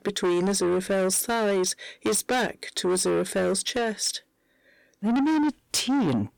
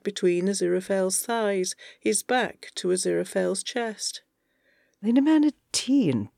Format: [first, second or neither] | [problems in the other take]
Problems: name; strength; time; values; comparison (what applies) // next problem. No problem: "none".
second | distortion; heavy; 8 dB below the speech